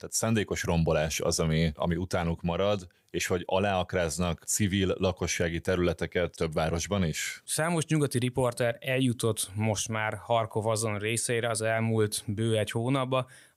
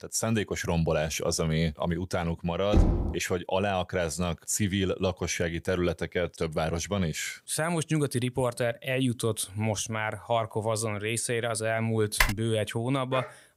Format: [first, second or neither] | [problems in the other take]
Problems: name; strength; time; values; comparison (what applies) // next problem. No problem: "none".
first | door banging; loud; at 2.5 s; peak 3 dB above the speech // keyboard typing; loud; at 12 s; peak 2 dB above the speech // dog barking; faint; at 13 s; peak 10 dB below the speech